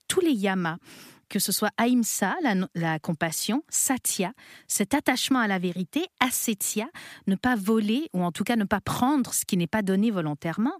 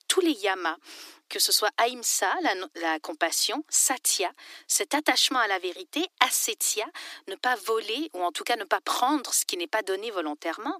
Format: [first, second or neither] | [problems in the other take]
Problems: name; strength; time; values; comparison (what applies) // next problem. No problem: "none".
first | thin; very; fading below 300 Hz